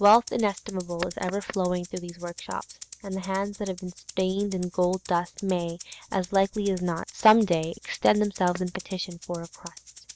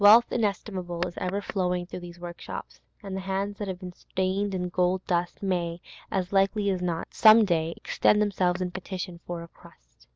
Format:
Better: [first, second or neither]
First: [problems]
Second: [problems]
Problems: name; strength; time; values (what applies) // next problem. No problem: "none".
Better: second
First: background sound (Rattle (instrument)); 19 dB below the speech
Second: none